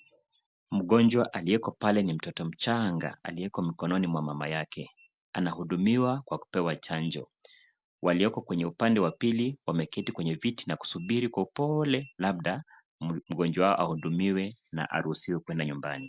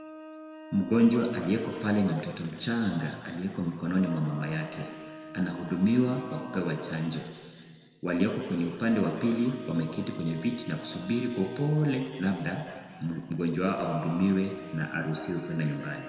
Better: first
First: none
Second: background sound (Wind instrument, woodwind instrument); 16 dB below the speech // room echo; dies away in 2.3 s

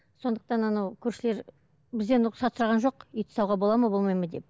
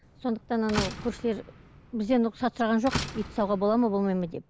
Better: first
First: none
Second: background sound (Slam); 11 dB below the speech

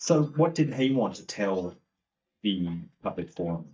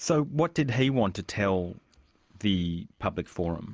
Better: second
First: noise reduction (neural mask model DeepFilterNet 3)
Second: none

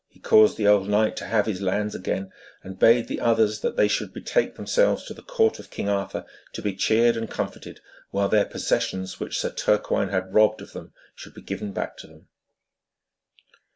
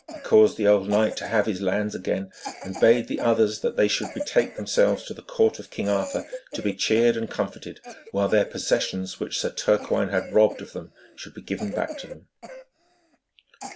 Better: first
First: none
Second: background sound (Cough); 16 dB below the speech

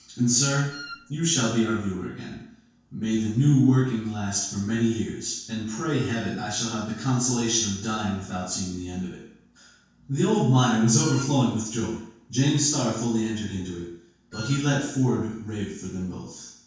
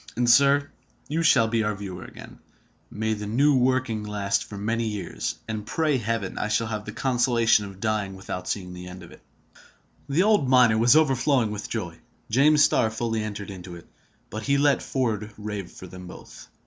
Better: second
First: background sound (Wind instrument, woodwind instrument); 16 dB below the speech // room echo; dies away in 0.6 s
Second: none

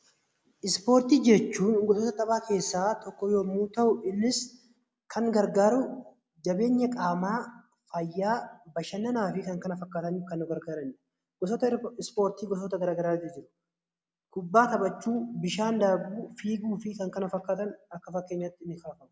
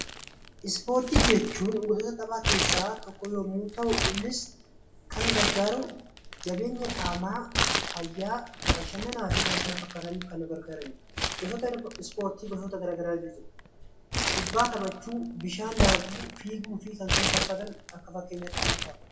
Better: first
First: none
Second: background sound (Crumpling, crinkling); 1 dB above the speech // room echo; dies away in 0.2 s

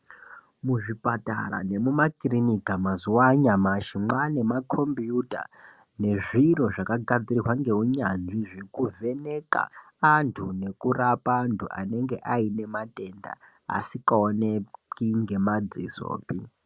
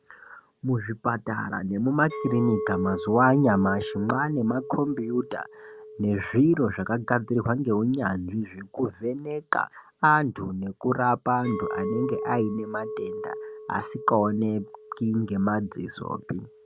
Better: first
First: none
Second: background sound (Chink, clink); 12 dB below the speech

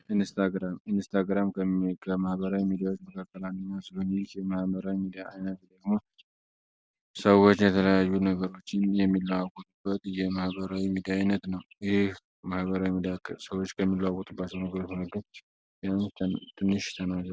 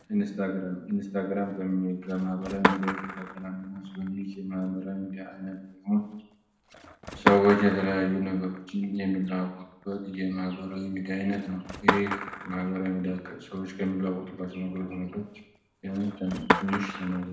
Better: first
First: none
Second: background sound (Skateboard); 5 dB below the speech // room echo; dies away in 0.7 s

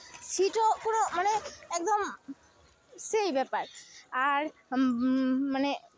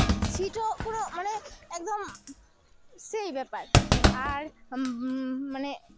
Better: first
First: none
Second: background sound (Thump, thud); 4 dB above the speech

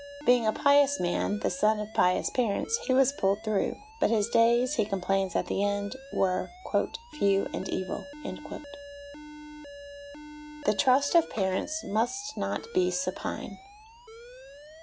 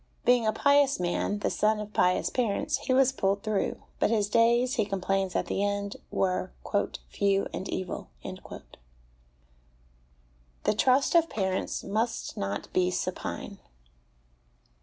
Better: second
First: background sound (Alarm); 16 dB below the speech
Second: none

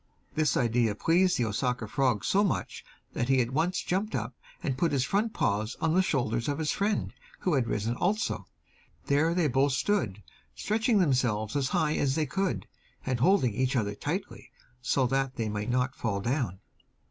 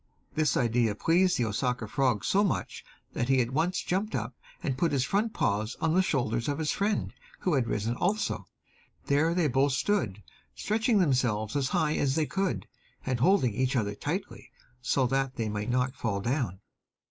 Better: first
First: none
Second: noise reduction (neural mask model Resemble Enhance denoiser)

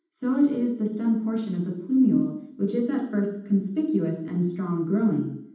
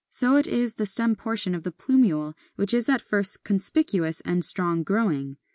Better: second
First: room echo; dies away in 0.8 s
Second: none

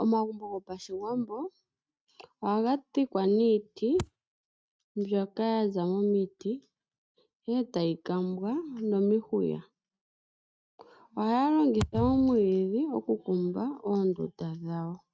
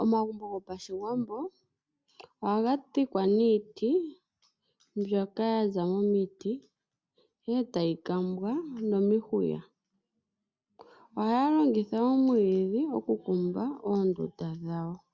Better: second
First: noise reduction (neural mask model RNNoise)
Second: none

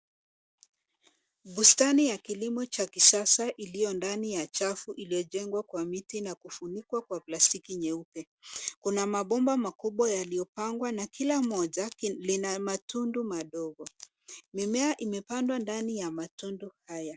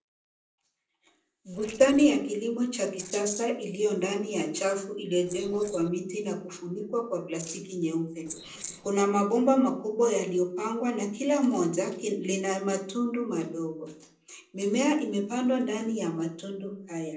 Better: first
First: none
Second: noise reduction (neural separator model SepFormer DNS4)

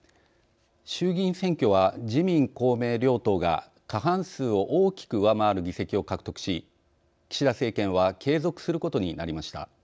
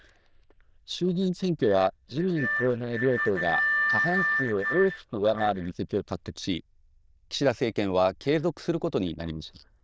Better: first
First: none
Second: noise reduction (neural diffusion model UNIVERSE++)

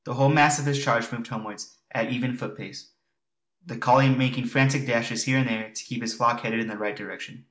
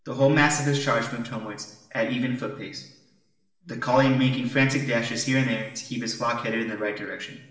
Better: first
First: none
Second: room echo; dies away in 1.1 s

